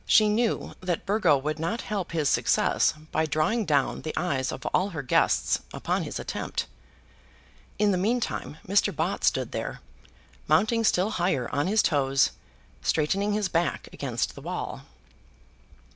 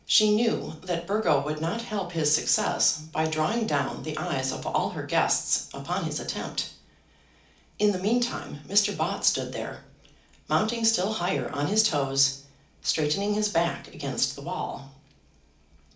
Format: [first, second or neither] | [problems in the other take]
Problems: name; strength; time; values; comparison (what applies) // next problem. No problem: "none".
first | room echo; dies away in 0.4 s